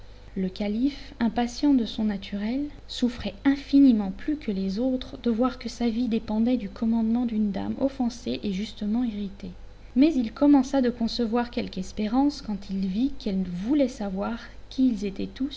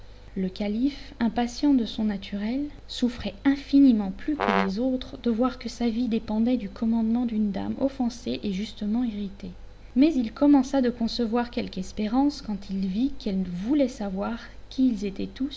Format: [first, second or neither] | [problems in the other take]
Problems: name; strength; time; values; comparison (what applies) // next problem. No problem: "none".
first | background sound (Brass instrument); 4 dB below the speech